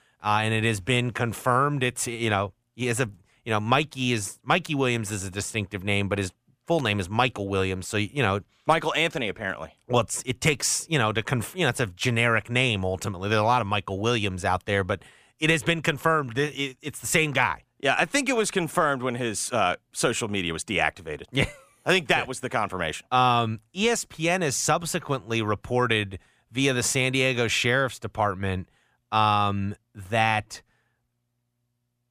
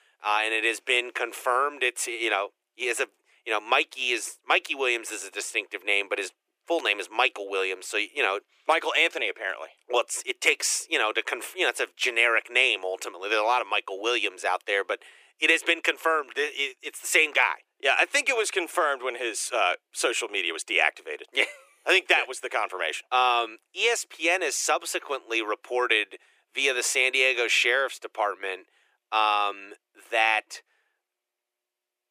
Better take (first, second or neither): first